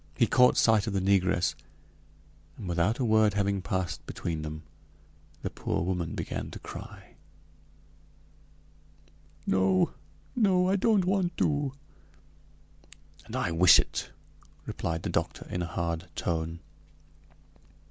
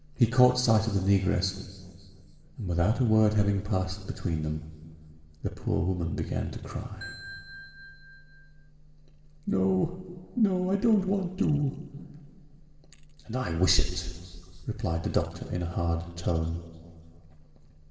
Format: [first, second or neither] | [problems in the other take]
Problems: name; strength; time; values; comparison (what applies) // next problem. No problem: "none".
first | background sound (Ringtone / Bell); 17 dB below the speech // room echo; dies away in 2.2 s